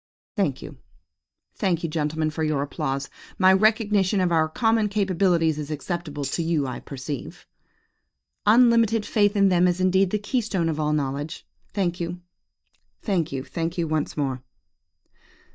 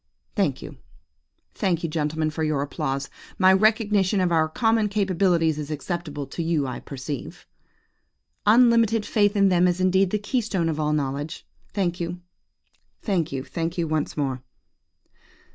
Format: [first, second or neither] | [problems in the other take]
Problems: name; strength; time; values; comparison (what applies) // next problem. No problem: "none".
second | noise reduction (neural mask model DeepFilterNet 3)